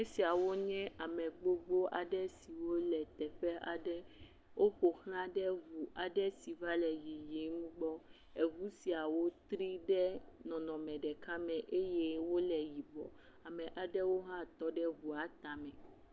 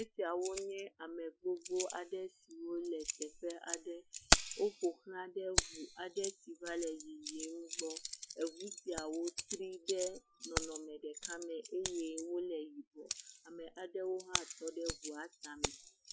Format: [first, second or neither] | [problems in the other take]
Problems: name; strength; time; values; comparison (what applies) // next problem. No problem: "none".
first | noise reduction (classical method Wiener filter)